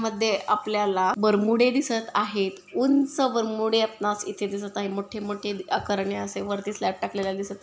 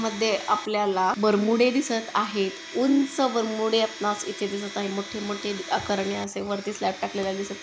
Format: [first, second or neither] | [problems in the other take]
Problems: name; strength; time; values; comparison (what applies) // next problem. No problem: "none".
first | background sound (Domestic sounds, home sounds); 14 dB below the speech